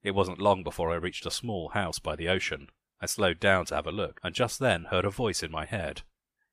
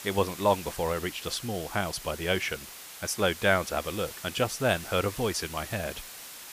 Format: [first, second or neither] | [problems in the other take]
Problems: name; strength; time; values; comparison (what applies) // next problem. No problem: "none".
first | hiss; noticeable; throughout; 10 dB below the speech